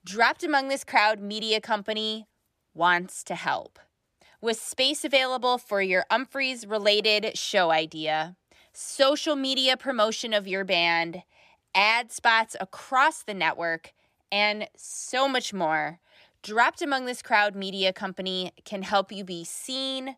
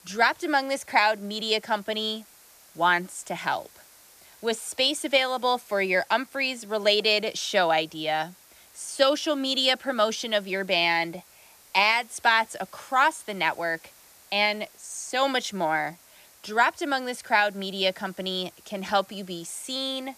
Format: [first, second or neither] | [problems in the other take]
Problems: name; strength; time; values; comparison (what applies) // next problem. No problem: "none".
first | hiss; faint; throughout; 25 dB below the speech